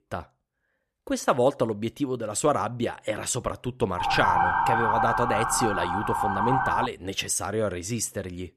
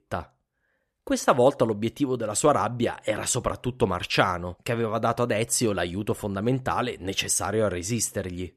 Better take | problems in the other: second | siren; loud; from 4 to 7 s; peak 5 dB above the speech

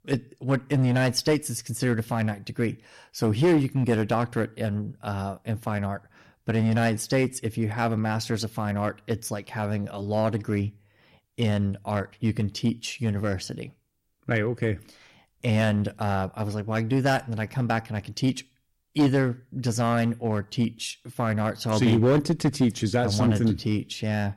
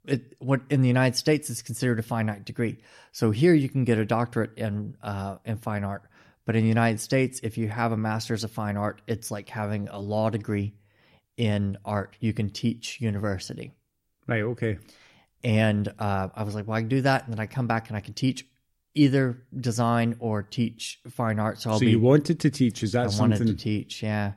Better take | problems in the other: second | distortion; slight; 4% of the sound clipped

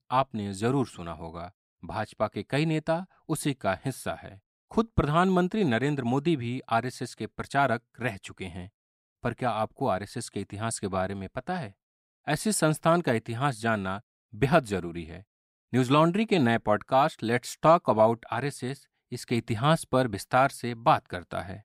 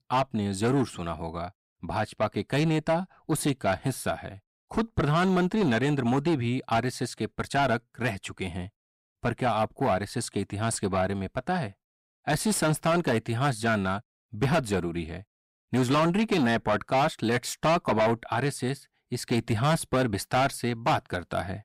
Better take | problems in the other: first | distortion; heavy; 7 dB below the speech

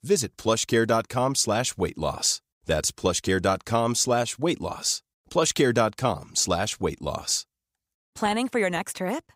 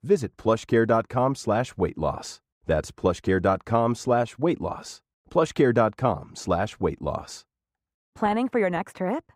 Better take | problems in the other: first | muffled; very; fading above 2.5 kHz

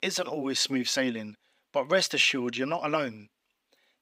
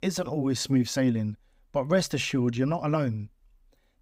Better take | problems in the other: second | thin; somewhat; fading below 300 Hz

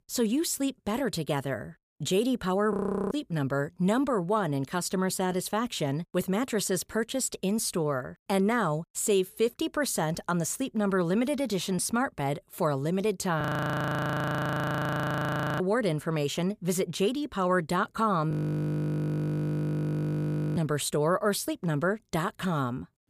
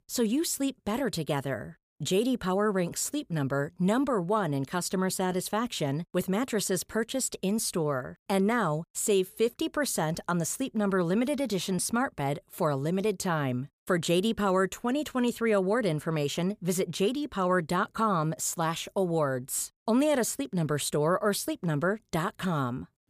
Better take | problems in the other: second | audio freezing; at 2.5 s, at 13 s for 2 s and at 18 s for 2.5 s

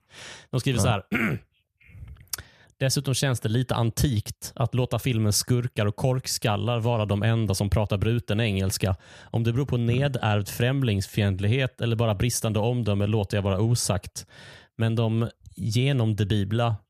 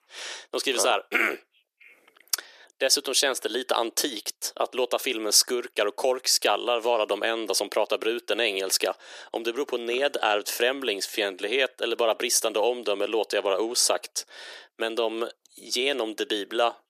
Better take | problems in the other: first | thin; very; fading below 350 Hz

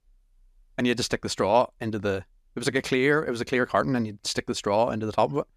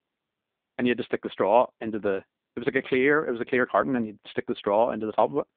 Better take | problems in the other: first | phone-call audio; poor line; nothing above 3.5 kHz

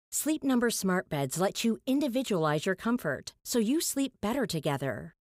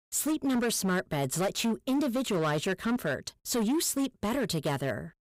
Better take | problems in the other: first | distortion; slight; 16% of the sound clipped

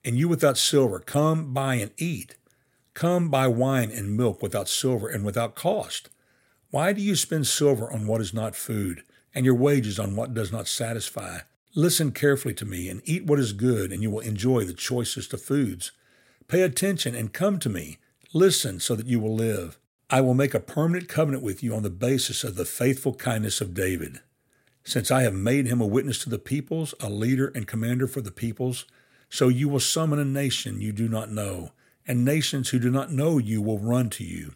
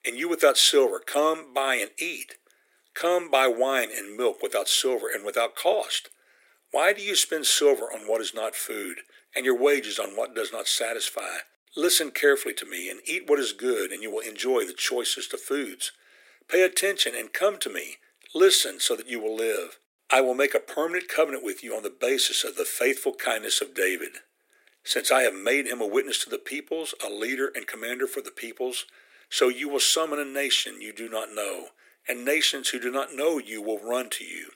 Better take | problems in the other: first | thin; very; fading below 350 Hz

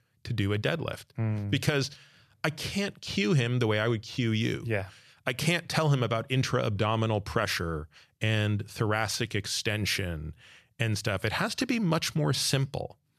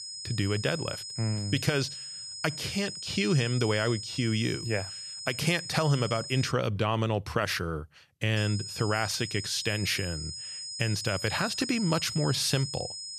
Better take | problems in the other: first | high-pitched whine; loud; until 6.5 s and from 8.5 s on; 5 kHz, 7 dB below the speech

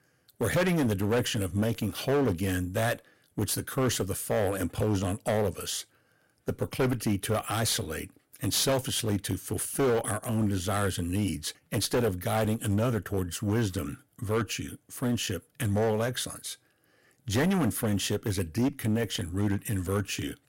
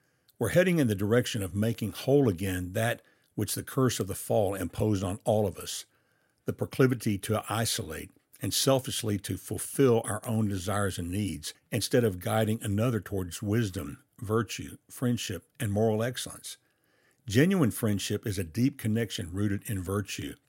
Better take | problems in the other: second | distortion; heavy; 10% of the sound clipped

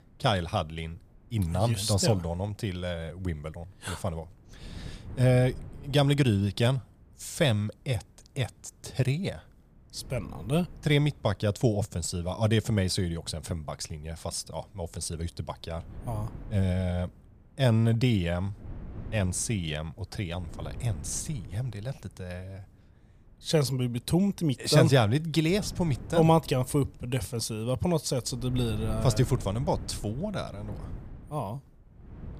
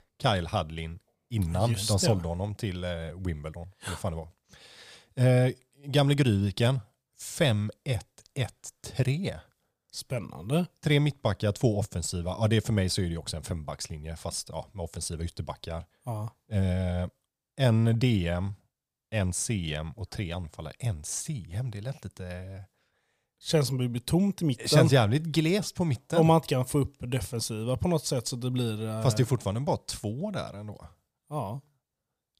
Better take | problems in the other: second | wind noise on the microphone; occasional gusts; 20 dB below the speech

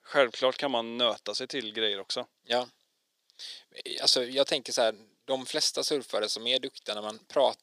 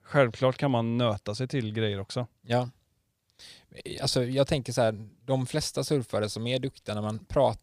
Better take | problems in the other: second | thin; somewhat; fading below 300 Hz

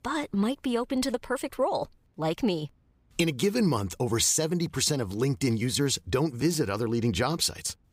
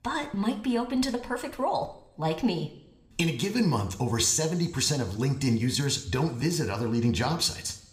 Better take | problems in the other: first | room echo; very slight; dies away in 0.6 s

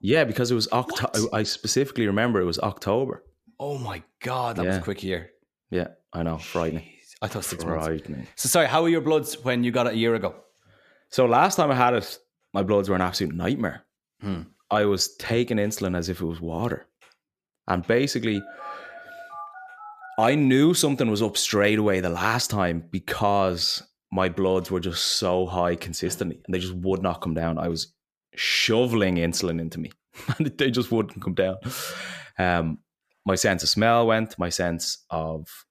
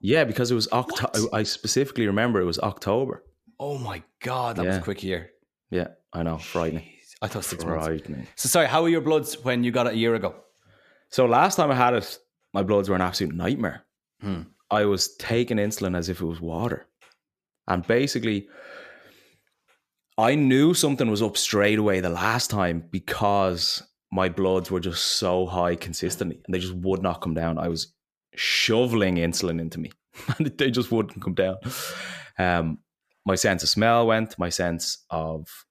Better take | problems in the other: second | phone ringing; faint; from 18 to 20 s; peak 15 dB below the speech

